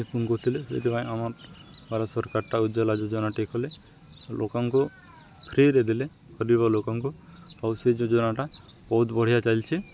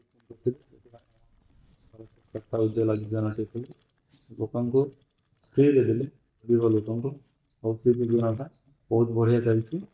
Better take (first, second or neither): first